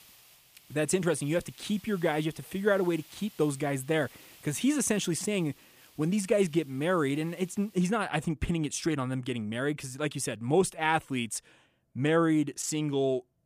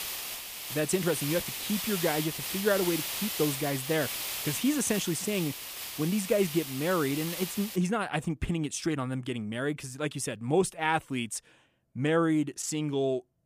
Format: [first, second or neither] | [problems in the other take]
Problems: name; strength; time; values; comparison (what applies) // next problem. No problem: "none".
first | hiss; loud; until 8 s; 4 dB below the speech; faint in the first